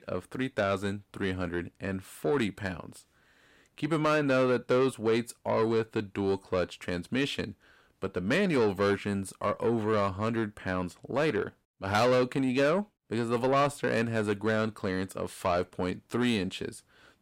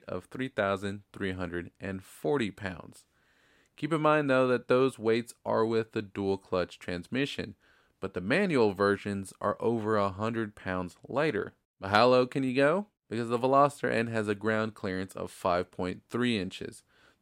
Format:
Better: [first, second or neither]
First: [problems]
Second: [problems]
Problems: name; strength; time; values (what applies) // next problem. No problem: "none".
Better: second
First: distortion; slight; 10 dB below the speech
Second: none